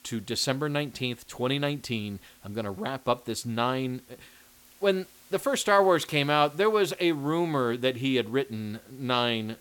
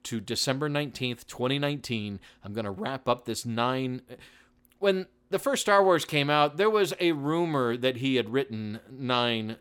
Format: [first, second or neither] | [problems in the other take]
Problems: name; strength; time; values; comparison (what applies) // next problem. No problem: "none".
second | hiss; faint; throughout; 25 dB below the speech